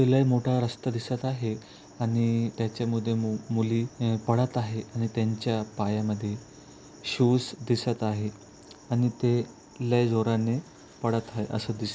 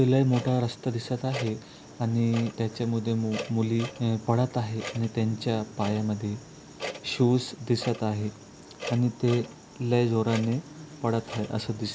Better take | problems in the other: first | background sound (Clock); 15 dB below the speech

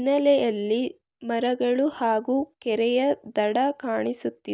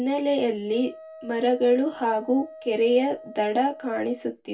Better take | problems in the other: first | background sound (Wind instrument, woodwind instrument); 20 dB below the speech // room echo; dies away in 0.2 s

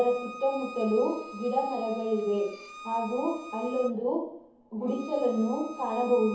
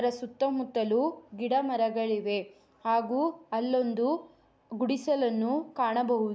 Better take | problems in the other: second | background sound (Bowed string instrument); 15 dB below the speech // room echo; dies away in 0.7 s

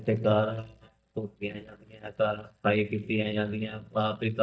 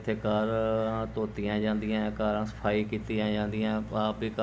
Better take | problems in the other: second | noise reduction (neural mask model DeepFilterNet 3)

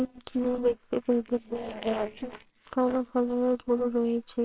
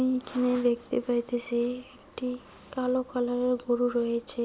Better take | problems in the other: second | noise reduction (neural separator model SepFormer WHAMR!)

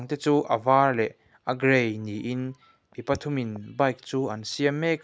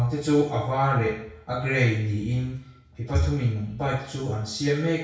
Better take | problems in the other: first | room echo; dies away in 0.6 s

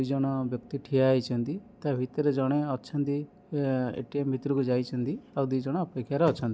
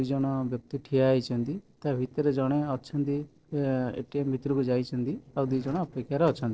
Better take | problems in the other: first | noise reduction (neural separator model SepFormer DNS4)

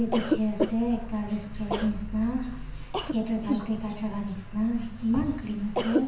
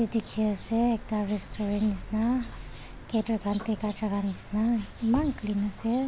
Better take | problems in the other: second | background sound (Cough); 5 dB below the speech // room echo; dies away in 0.8 s

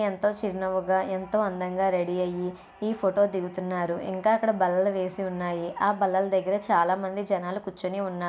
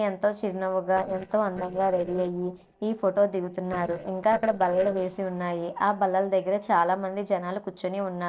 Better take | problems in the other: first | noise reduction (neural separator model SepFormer DNS4)

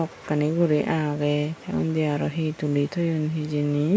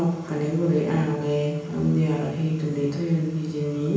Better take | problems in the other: first | room echo; dies away in 1 s

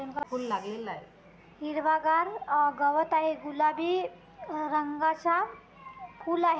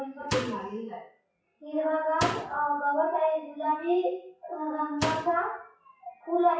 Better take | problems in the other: first | noise reduction (classical method WPE with log-MMSE)

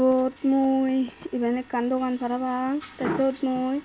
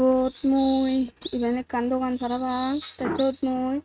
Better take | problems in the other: first | noise reduction (neural mask model RNNoise)

